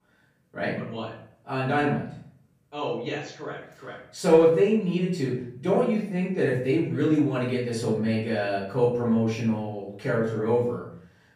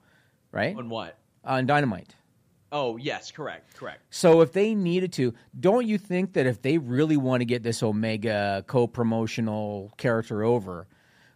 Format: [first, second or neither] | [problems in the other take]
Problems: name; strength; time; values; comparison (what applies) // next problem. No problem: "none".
second | off-mic speech; far // room echo; noticeable; dies away in 0.5 s